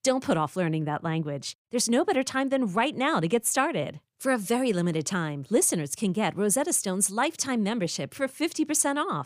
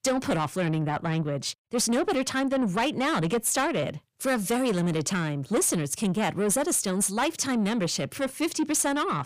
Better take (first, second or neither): first